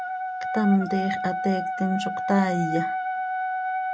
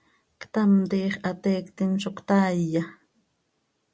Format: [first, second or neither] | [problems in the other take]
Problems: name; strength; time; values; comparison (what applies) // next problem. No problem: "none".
second | background sound (Wind instrument, woodwind instrument); 2 dB below the speech